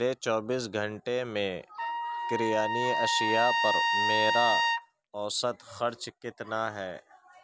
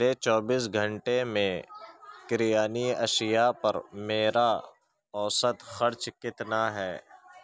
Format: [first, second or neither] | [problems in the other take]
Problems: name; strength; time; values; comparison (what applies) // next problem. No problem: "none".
second | background sound (Trumpet); 3 dB above the speech